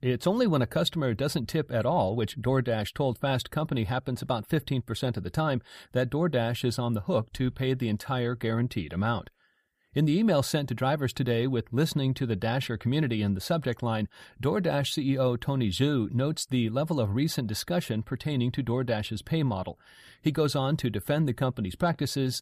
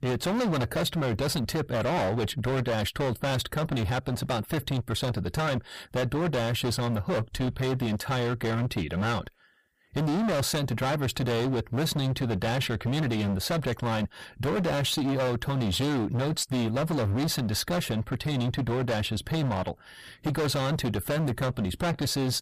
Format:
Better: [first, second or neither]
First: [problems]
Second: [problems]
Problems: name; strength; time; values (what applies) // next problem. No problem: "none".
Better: first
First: none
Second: distortion; heavy; 31% of the sound clipped